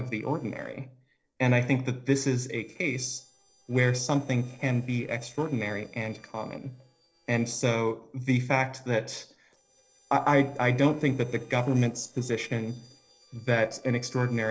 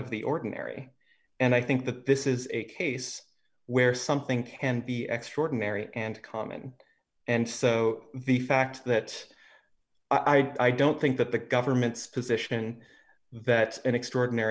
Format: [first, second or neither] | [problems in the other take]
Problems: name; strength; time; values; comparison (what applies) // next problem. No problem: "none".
second | noise reduction (neural separator model SepFormer DNS4)